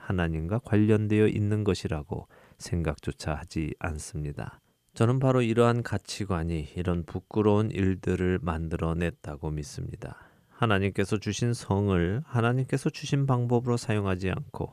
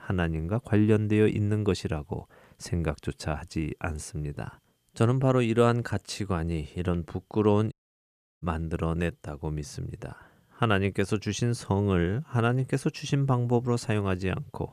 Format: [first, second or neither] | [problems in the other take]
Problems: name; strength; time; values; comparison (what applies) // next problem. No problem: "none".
first | audio cutting out; at 7.5 s for 0.5 s